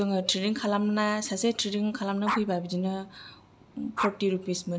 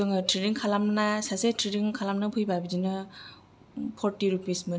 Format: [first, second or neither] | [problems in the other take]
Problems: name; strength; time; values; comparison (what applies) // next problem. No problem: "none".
second | background sound (Dog); 11 dB below the speech